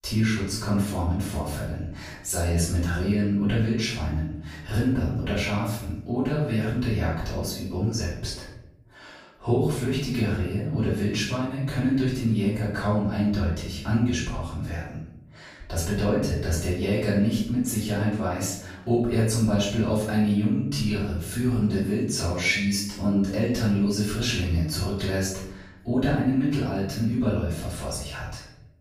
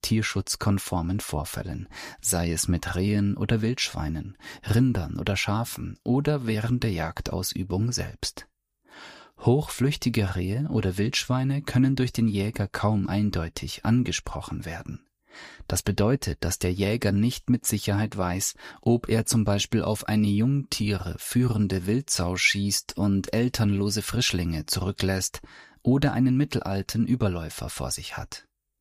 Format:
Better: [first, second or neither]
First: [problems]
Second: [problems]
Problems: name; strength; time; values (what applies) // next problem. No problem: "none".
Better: second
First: off-mic speech; far // room echo; noticeable; dies away in 0.7 s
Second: none